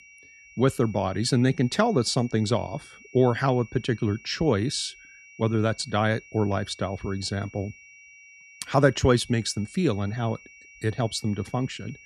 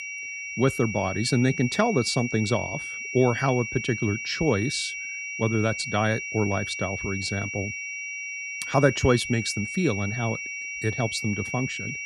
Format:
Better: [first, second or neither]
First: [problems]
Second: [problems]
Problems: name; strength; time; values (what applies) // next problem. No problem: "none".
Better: first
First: high-pitched whine; faint; throughout; 2.5 kHz, 20 dB below the speech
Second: high-pitched whine; loud; throughout; 2.5 kHz, 6 dB below the speech